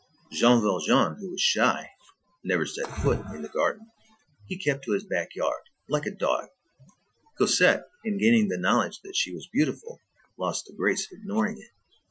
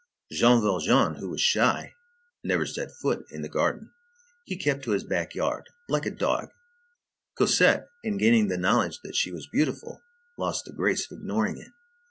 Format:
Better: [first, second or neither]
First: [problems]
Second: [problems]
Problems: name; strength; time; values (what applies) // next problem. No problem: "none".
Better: second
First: noise reduction (classical method Wiener filter)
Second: none